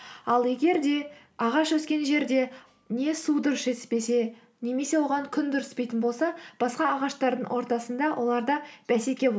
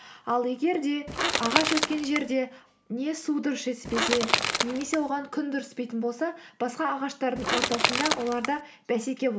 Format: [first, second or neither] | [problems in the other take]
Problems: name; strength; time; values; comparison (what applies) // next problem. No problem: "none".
first | background sound (Crushing / Wood); 1 dB above the speech